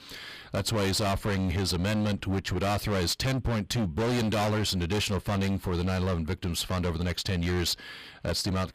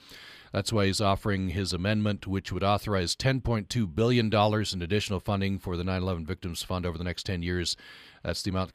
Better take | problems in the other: second | distortion; heavy; 29% of the sound clipped

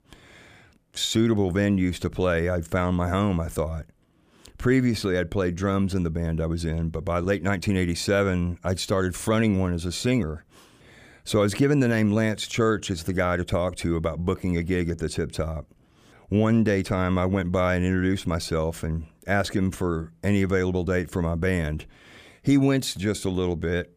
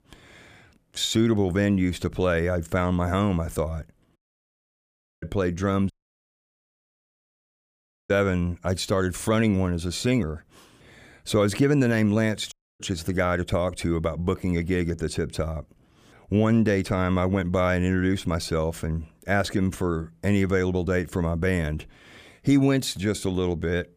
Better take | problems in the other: first | audio cutting out; at 4 s for 1 s, at 6 s for 2 s and at 13 s

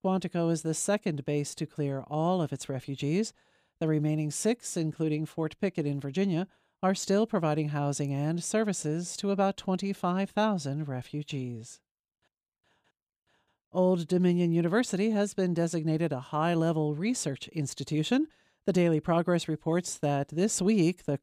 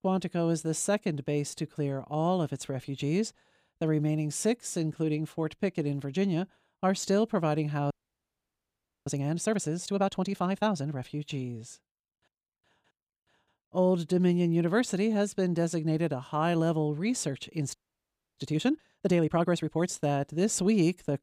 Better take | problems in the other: first | audio freezing; at 8 s for 1 s and at 18 s for 0.5 s

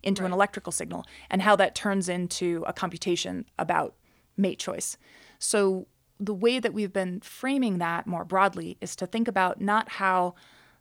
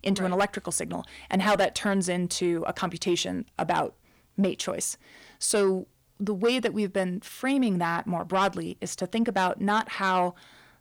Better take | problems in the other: first | distortion; slight; 10 dB below the speech

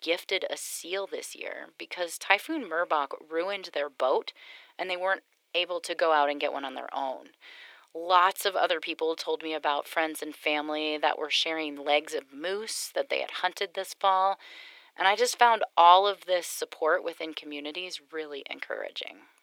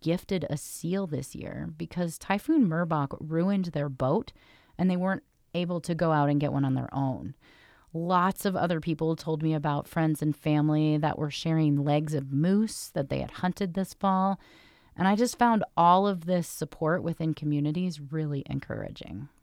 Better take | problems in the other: second | thin; very; fading below 400 Hz

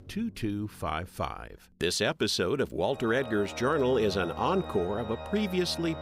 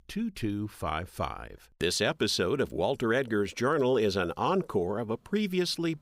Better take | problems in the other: second | background music; noticeable; throughout; 10 dB below the speech

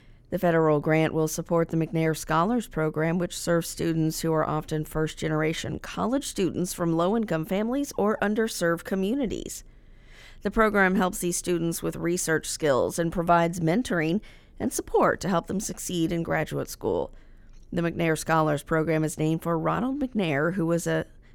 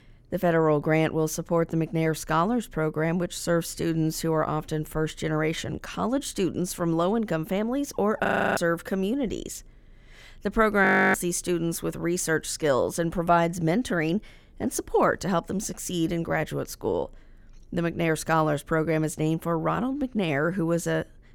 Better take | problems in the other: first | audio freezing; at 8.5 s and at 11 s

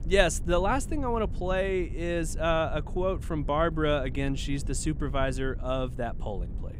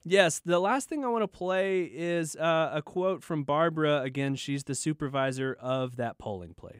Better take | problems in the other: second | low rumble; faint; throughout; 20 dB below the speech

